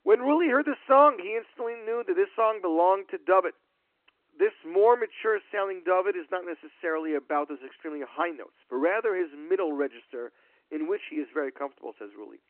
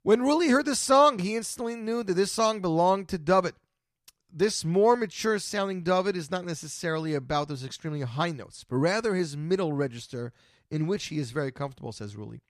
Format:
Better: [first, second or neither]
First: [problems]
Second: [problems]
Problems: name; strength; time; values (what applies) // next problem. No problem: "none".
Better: second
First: phone-call audio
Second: none